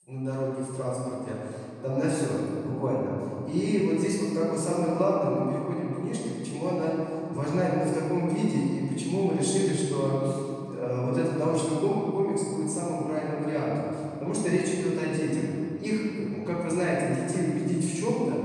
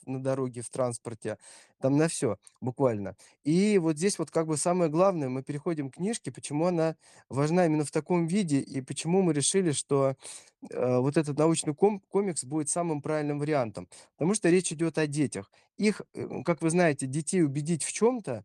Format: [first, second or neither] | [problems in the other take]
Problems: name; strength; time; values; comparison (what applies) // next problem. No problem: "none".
second | room echo; strong; dies away in 2.8 s // off-mic speech; far